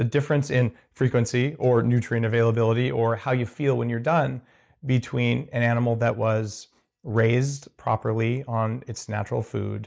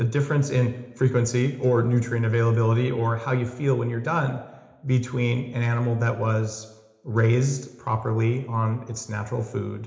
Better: first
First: none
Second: room echo; dies away in 0.8 s

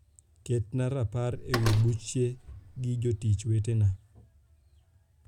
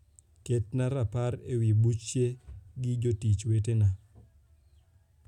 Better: second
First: background sound (Slam); 9 dB below the speech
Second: none

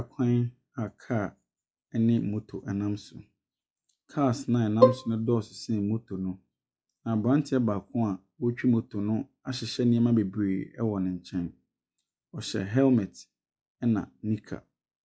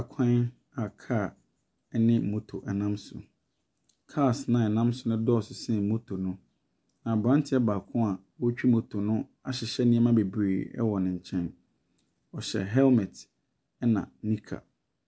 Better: second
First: noise reduction (classical method log-MMSE)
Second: none

